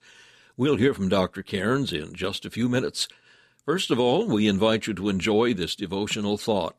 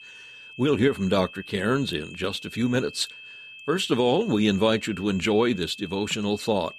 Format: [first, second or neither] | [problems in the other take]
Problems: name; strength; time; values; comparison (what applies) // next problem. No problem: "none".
first | high-pitched whine; noticeable; throughout; 2.5 kHz, 15 dB below the speech